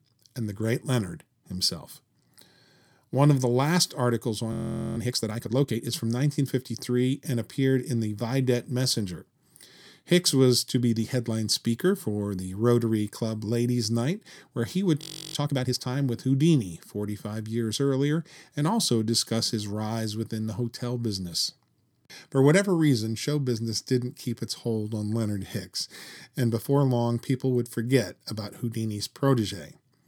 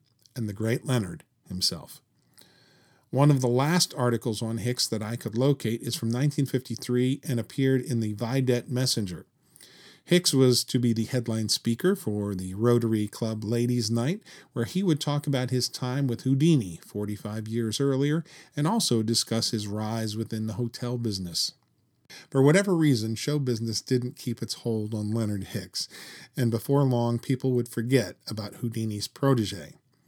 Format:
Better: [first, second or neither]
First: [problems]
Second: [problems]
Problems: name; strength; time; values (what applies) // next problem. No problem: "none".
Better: second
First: audio freezing; at 4.5 s and at 15 s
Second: none